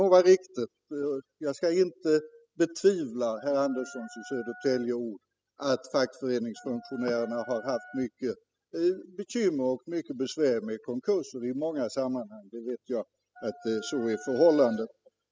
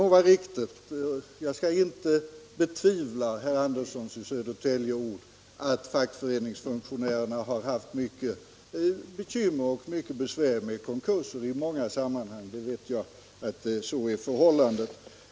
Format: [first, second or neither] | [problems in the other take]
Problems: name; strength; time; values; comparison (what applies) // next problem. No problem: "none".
second | noise reduction (classical method spectral subtraction)